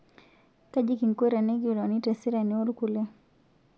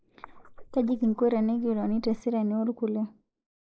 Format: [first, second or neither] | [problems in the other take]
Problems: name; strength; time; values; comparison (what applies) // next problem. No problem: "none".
first | noise reduction (neural mask model Resemble Enhance denoiser)